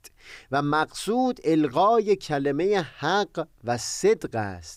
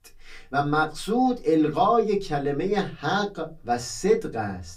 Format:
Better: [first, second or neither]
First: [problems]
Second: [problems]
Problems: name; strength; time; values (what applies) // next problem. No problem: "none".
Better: first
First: none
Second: off-mic speech; far // room echo; very slight; dies away in 0.2 s